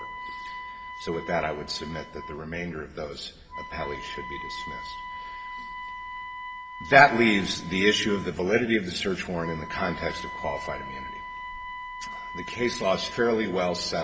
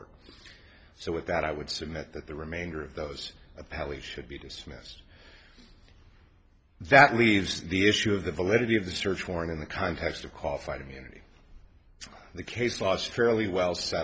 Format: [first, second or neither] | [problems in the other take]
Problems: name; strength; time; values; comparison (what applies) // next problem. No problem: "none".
second | background sound (Wind instrument, woodwind instrument); 11 dB below the speech // room echo; dies away in 1.8 s